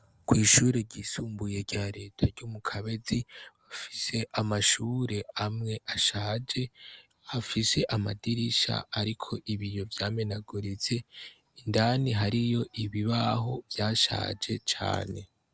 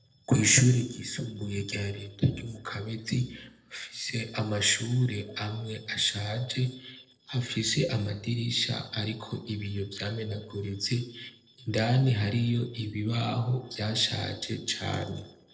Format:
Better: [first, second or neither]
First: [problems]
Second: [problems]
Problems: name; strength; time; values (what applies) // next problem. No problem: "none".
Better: first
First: none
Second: noise reduction (neural separator model SepFormer DNS4)